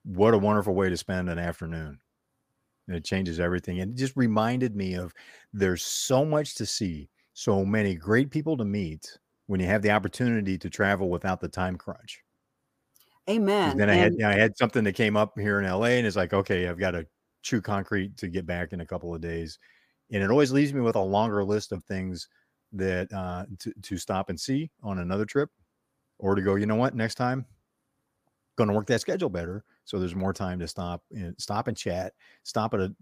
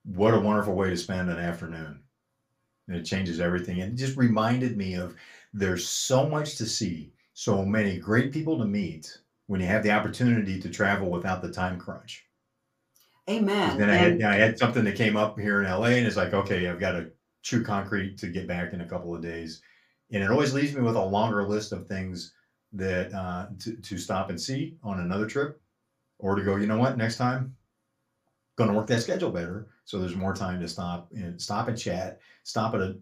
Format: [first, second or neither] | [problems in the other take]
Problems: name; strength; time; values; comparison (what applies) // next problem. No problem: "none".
first | room echo; very slight; dies away in 0.2 s // off-mic speech; somewhat distant